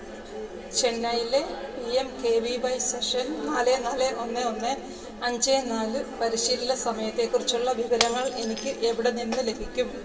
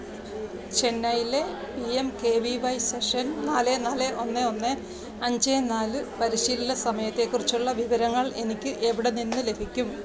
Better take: second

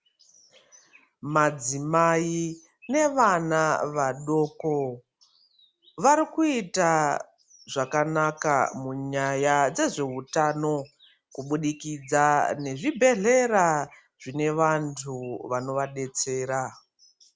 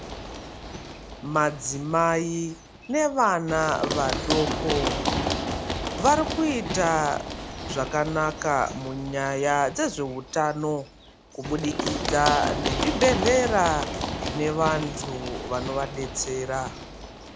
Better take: first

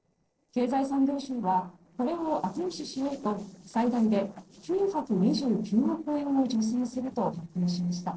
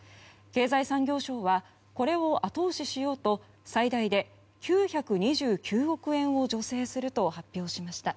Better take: second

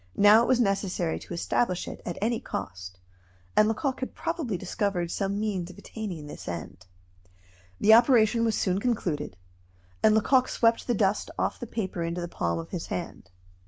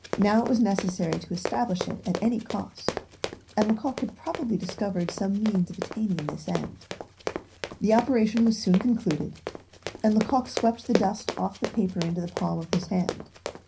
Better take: first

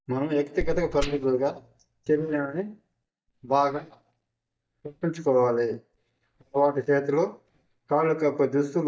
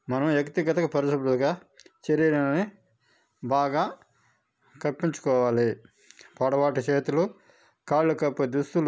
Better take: second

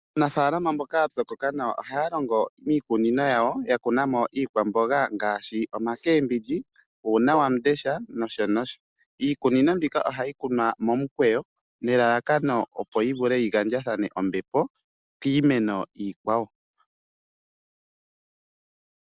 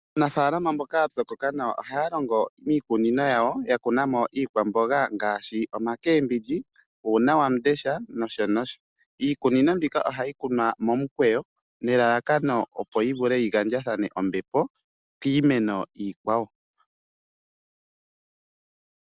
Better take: second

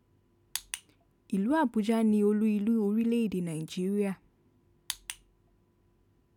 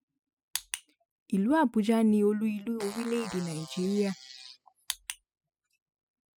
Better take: first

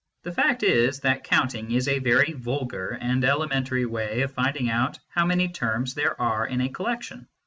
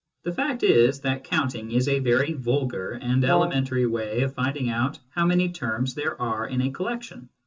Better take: first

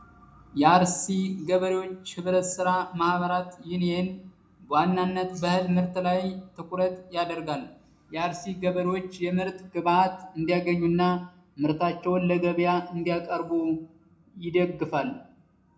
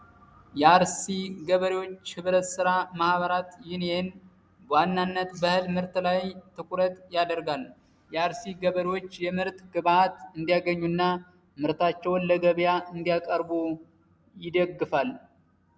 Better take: second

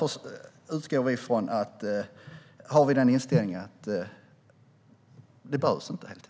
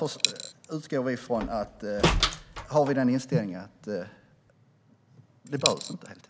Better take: first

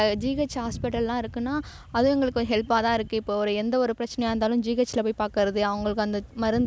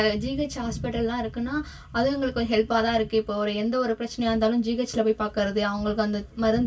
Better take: first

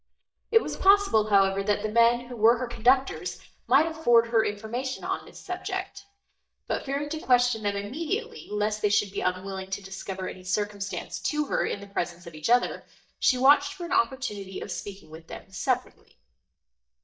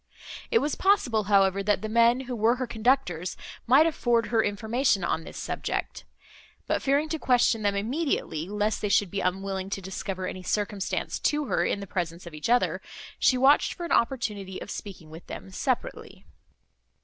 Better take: second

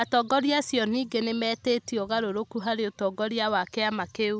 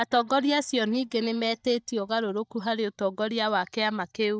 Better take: first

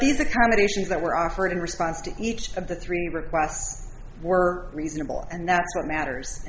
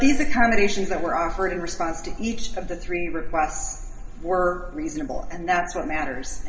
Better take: first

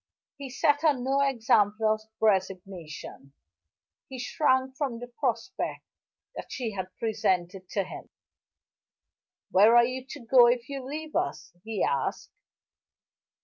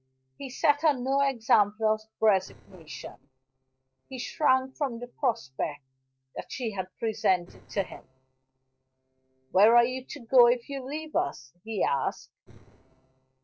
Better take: first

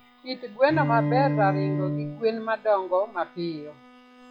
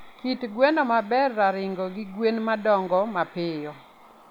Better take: second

